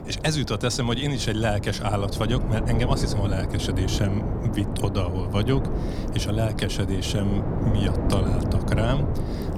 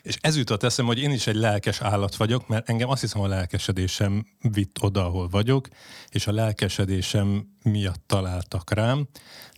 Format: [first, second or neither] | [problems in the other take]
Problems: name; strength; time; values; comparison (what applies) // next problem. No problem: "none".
second | wind noise on the microphone; heavy; 5 dB below the speech